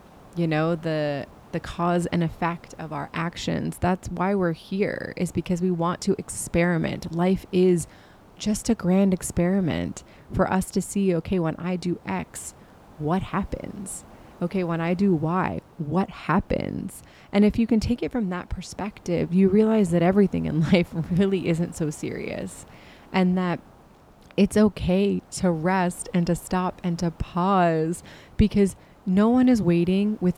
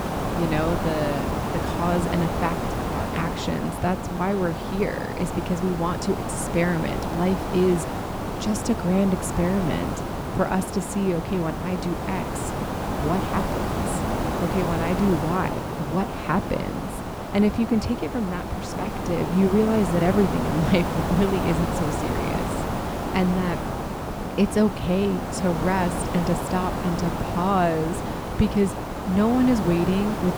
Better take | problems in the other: first | hiss; loud; throughout; 3 dB below the speech; faint in the first

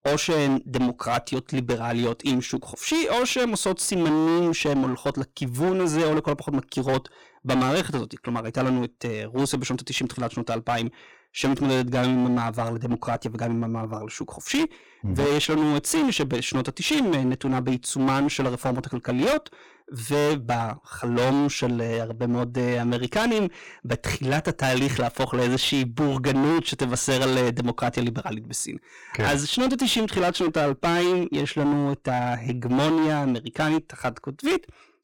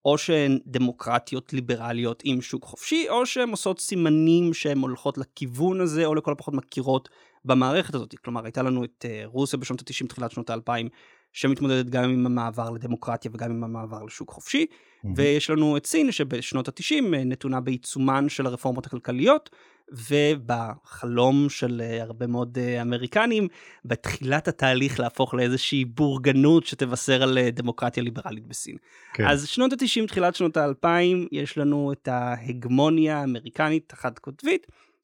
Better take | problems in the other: second | distortion; heavy; 19% of the sound clipped

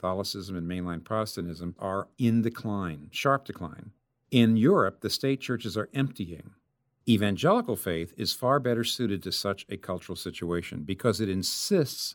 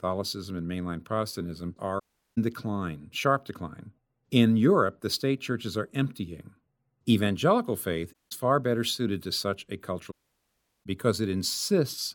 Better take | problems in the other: first | audio cutting out; at 2 s, at 8 s and at 10 s for 0.5 s

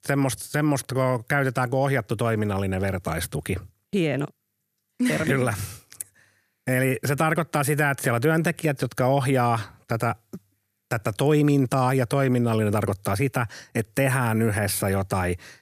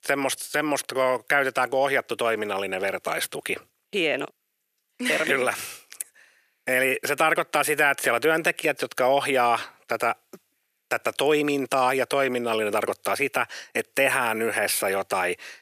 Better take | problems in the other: first | thin; somewhat; fading below 450 Hz

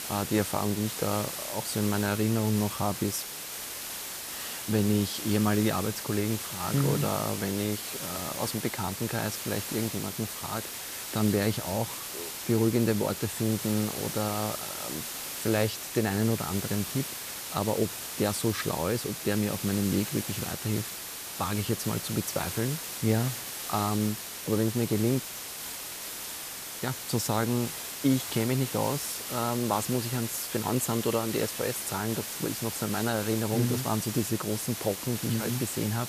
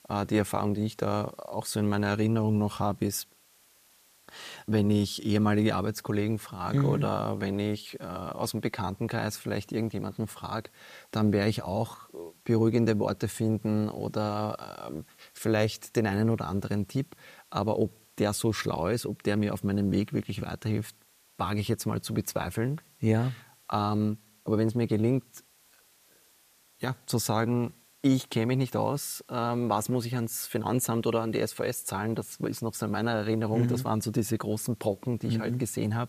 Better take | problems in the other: second | hiss; loud; throughout; 5 dB below the speech; faint in the second

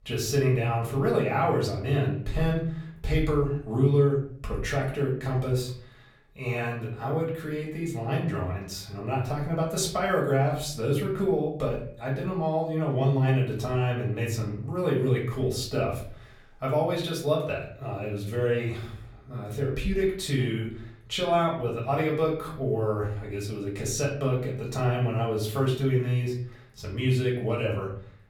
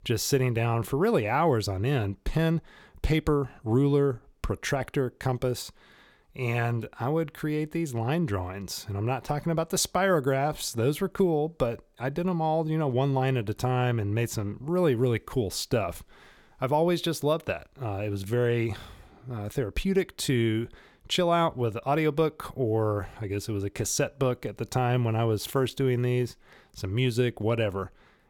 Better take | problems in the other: second | off-mic speech; far // room echo; slight; dies away in 0.6 s

